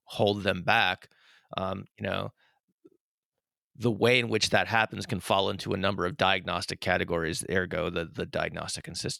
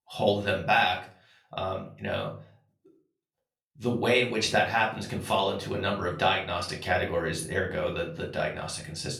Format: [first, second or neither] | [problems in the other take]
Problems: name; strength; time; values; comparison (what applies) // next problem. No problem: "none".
first | room echo; slight; dies away in 0.3 s // off-mic speech; far